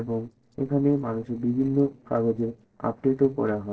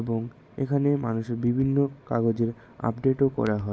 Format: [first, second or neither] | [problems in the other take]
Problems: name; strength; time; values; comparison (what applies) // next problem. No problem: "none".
second | noise reduction (neural separator model SepFormer DNS4)